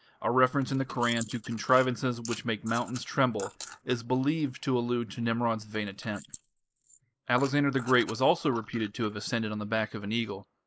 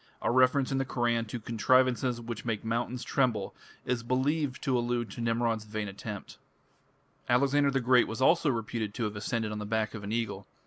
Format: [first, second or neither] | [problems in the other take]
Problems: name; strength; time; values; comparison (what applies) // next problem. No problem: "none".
second | noise reduction (neural mask model Resemble Enhance denoiser)